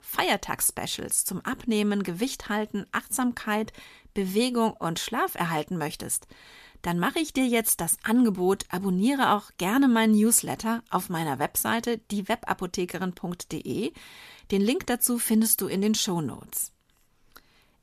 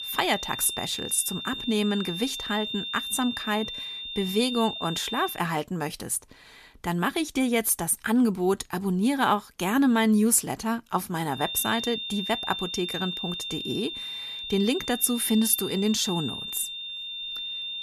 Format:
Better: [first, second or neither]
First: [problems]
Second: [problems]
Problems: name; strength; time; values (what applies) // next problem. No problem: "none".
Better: first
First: none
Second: high-pitched whine; loud; until 5.5 s and from 11 s on; 3.5 kHz, 6 dB below the speech